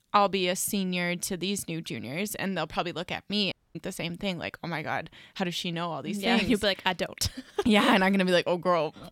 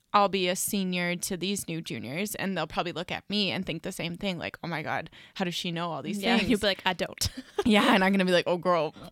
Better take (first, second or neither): second